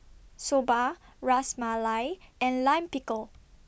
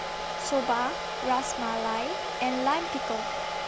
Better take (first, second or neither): first